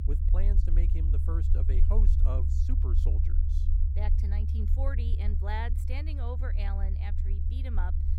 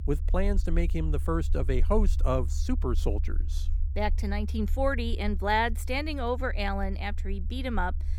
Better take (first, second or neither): second